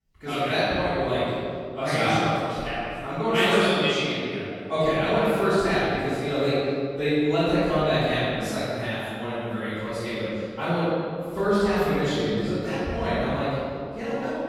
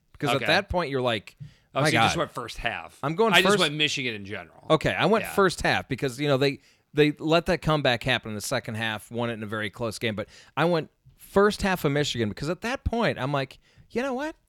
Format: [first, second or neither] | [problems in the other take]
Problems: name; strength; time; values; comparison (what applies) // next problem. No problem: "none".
second | off-mic speech; far // room echo; strong; dies away in 2.4 s